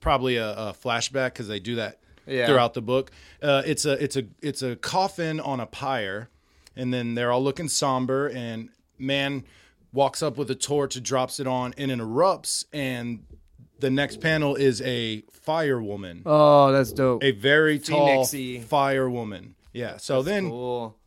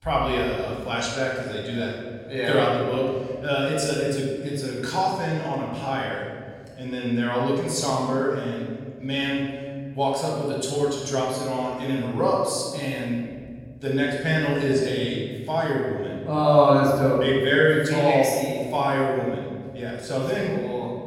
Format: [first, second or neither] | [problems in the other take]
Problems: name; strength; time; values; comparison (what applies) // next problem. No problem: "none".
first | off-mic speech; far // room echo; strong; dies away in 1.6 s